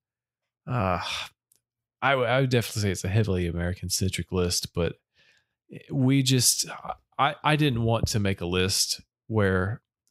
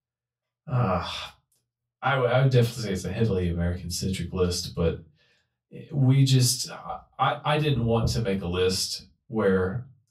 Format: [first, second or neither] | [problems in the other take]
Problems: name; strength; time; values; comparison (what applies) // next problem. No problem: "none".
first | off-mic speech; far // room echo; very slight; dies away in 0.2 s